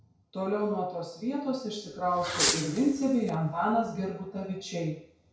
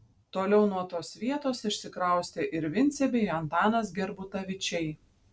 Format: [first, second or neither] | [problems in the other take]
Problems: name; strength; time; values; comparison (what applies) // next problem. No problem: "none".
second | background sound (Fireworks); 4 dB below the speech // room echo; dies away in 0.6 s